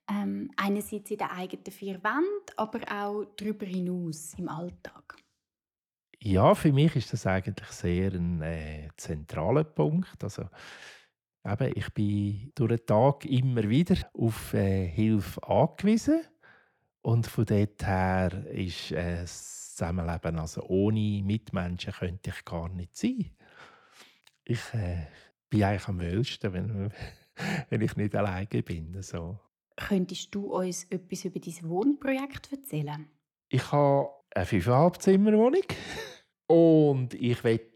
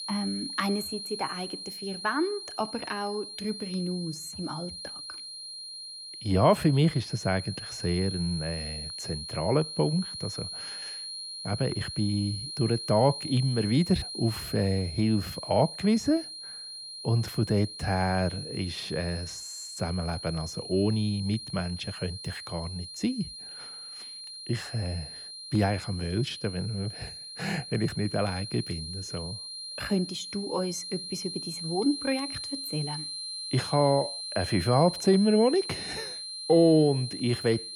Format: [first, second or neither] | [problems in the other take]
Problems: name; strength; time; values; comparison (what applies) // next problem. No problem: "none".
first | high-pitched whine; loud; throughout; 4 kHz, 8 dB below the speech